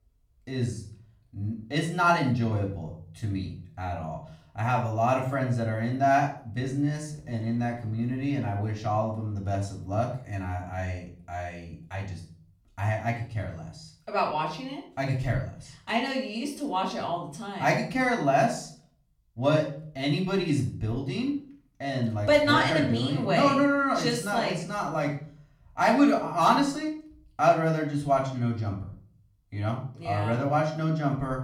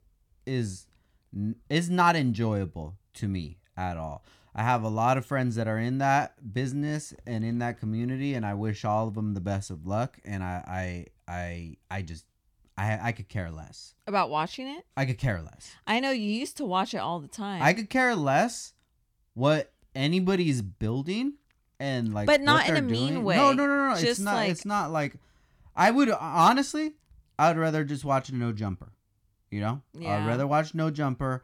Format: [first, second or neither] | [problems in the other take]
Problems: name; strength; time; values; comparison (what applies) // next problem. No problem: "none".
second | off-mic speech; far // room echo; slight; dies away in 0.4 s